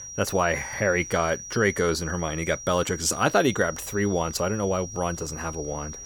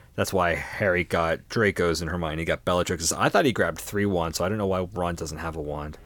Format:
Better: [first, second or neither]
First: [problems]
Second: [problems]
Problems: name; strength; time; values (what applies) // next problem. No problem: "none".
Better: second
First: high-pitched whine; noticeable; throughout; 6 kHz, 10 dB below the speech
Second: none